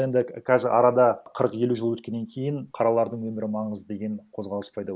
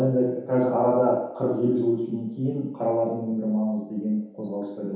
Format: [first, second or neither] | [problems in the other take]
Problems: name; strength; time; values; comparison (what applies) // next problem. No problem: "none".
first | room echo; dies away in 0.8 s